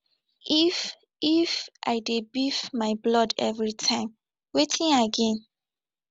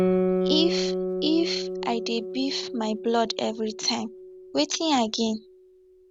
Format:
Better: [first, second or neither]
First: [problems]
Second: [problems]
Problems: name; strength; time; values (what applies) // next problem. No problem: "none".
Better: first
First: none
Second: background sound (Guitar); 2 dB below the speech